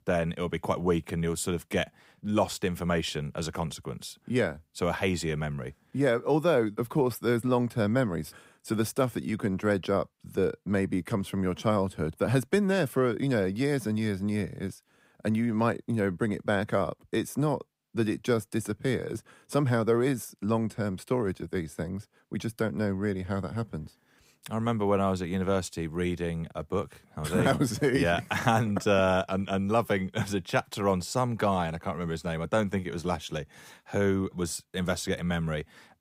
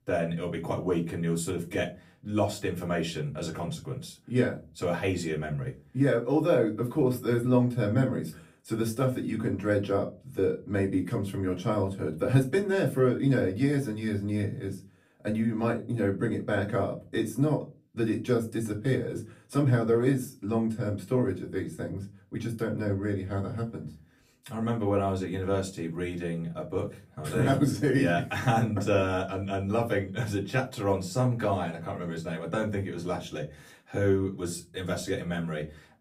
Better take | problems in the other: first | off-mic speech; far // room echo; very slight; dies away in 0.3 s

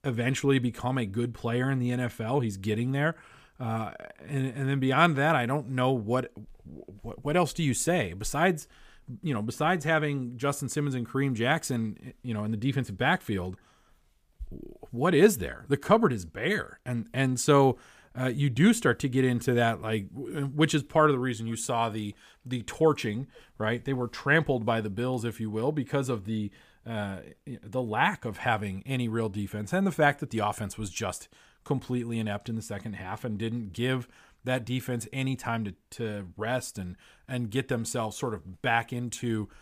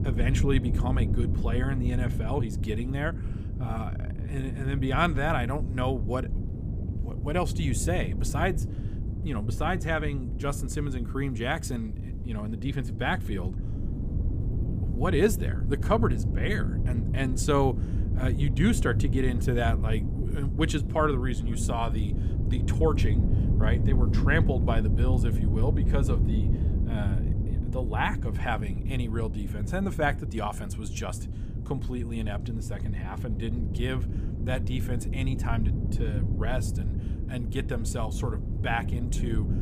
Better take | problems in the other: first | wind noise on the microphone; heavy; 10 dB below the speech

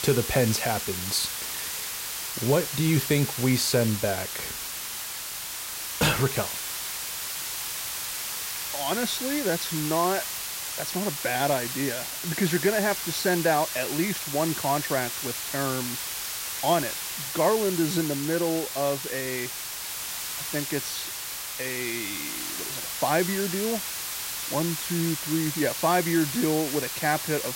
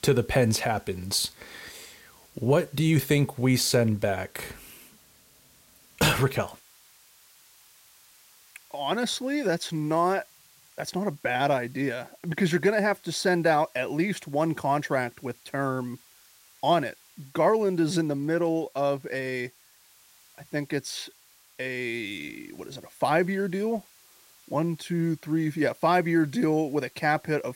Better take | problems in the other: second | hiss; loud; throughout; 3 dB below the speech; faint in the second

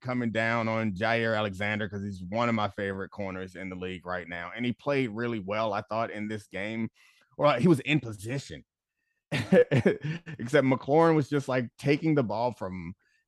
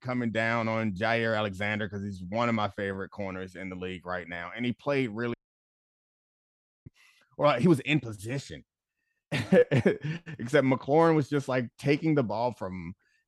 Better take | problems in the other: first | audio cutting out; at 5.5 s for 1.5 s

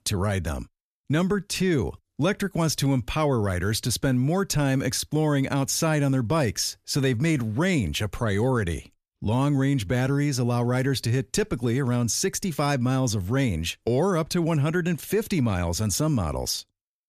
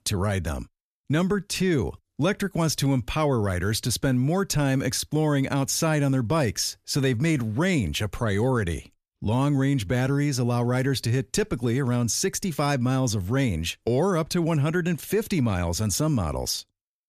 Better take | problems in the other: neither | none

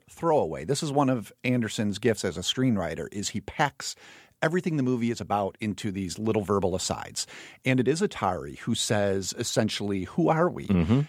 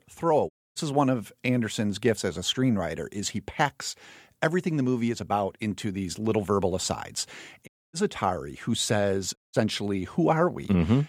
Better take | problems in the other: first | audio cutting out; at 0.5 s, at 7.5 s and at 9.5 s

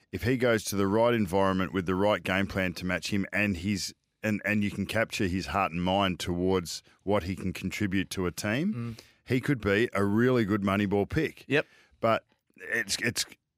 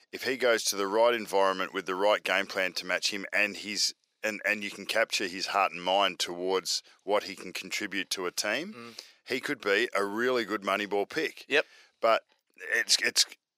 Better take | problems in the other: first | thin; somewhat; fading below 500 Hz

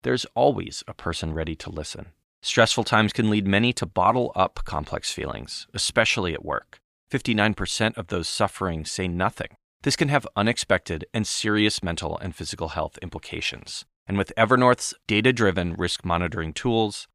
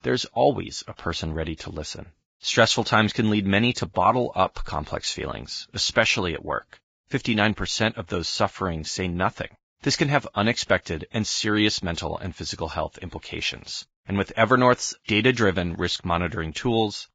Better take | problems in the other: first | garbled, watery; badly; nothing above 7.5 kHz

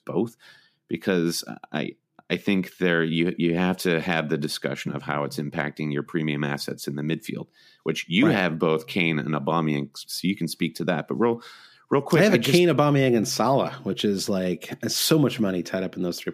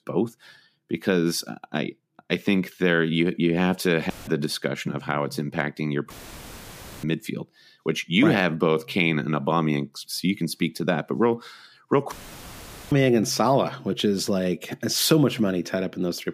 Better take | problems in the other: first | audio cutting out; filled with static; at 4 s, at 6 s for 1 s and at 12 s for 1 s

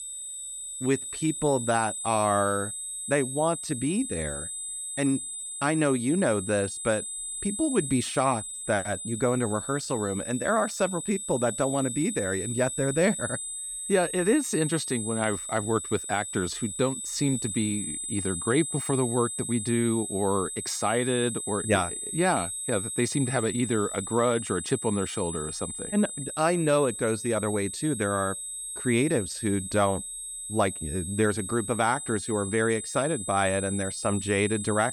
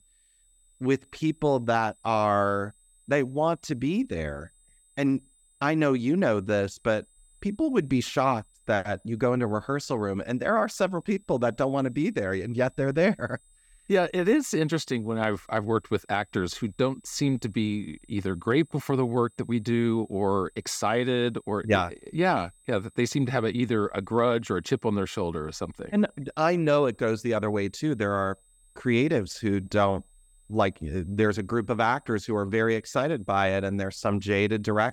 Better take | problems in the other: second | high-pitched whine; loud; throughout; 8 kHz, 5 dB below the speech; faint in the second

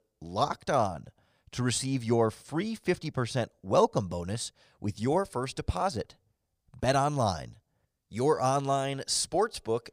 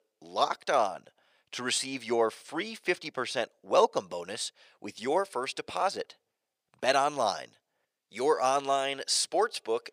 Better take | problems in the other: first | thin; somewhat; fading below 400 Hz

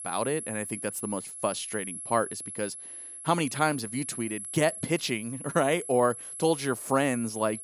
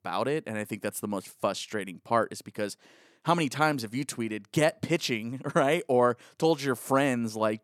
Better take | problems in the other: second | high-pitched whine; loud; throughout; 11 kHz, 8 dB below the speech

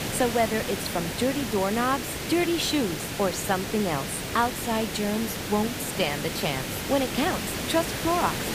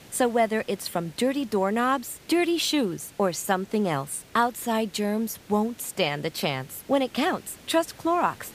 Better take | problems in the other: second | hiss; loud; throughout; 4 dB below the speech; faint in the second

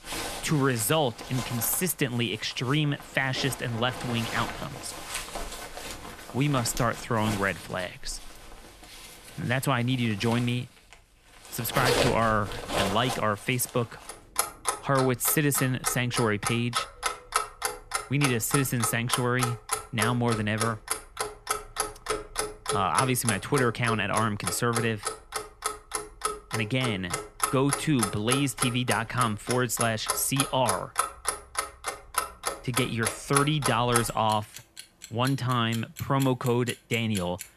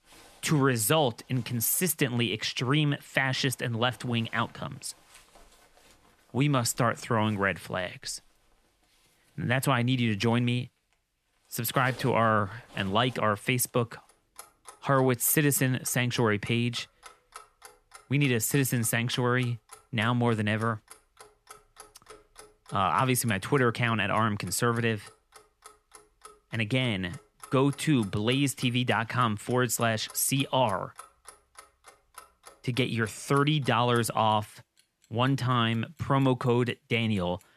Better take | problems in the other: second | household noises; loud; throughout; 5 dB below the speech; faint in the second

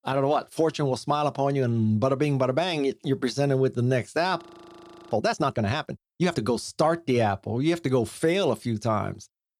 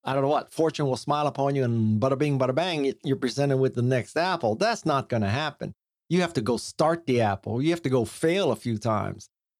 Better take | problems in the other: second | audio freezing; at 4.5 s for 0.5 s

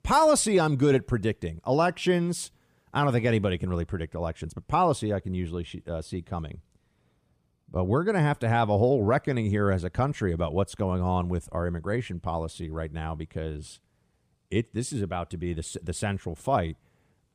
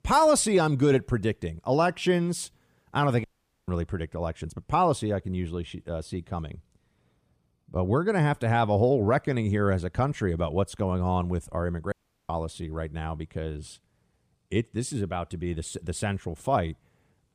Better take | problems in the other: first | audio cutting out; at 3 s and at 12 s

